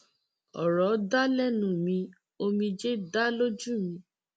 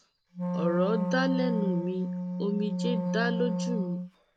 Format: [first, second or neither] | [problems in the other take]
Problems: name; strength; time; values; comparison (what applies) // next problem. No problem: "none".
first | background sound (Wind instrument, woodwind instrument); as loud as the speech